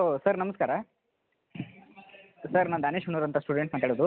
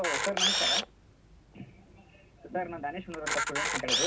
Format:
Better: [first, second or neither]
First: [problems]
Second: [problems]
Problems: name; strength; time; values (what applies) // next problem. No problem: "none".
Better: first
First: none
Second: background sound (Camera); 5 dB above the speech // room echo; dies away in 0.4 s